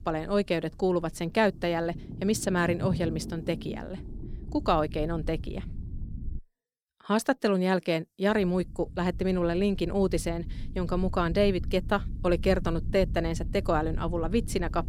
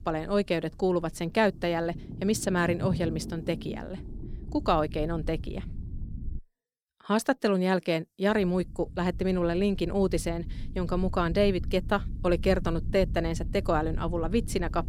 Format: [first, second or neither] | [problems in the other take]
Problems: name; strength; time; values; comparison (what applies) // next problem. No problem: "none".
neither | low rumble; noticeable; until 6.5 s and from 8.5 s on; 20 dB below the speech; the same in both